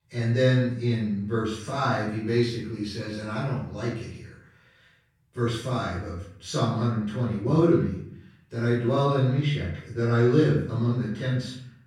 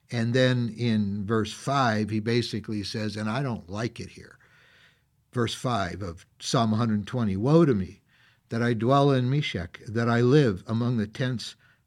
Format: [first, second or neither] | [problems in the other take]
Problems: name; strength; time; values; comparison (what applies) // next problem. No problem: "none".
second | off-mic speech; far // room echo; noticeable; dies away in 0.6 s